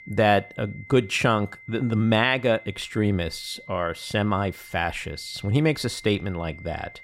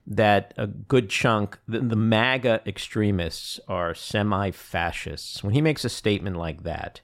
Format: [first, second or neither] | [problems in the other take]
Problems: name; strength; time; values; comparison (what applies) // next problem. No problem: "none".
second | high-pitched whine; noticeable; throughout; 2 kHz, 20 dB below the speech